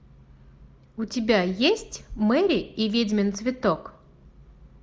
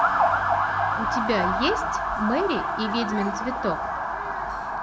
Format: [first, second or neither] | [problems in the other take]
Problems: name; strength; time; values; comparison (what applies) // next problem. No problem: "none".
first | background sound (Motor vehicle (road) / Siren); 4 dB above the speech